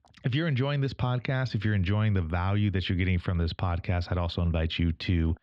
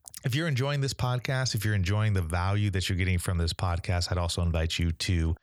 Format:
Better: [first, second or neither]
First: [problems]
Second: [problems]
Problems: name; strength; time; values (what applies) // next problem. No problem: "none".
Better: second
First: muffled; slightly; fading above 3.5 kHz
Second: none